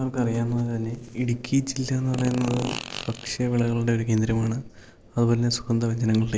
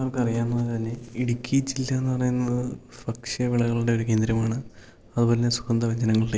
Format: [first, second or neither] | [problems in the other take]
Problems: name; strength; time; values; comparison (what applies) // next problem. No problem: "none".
second | background sound (Fart); 10 dB below the speech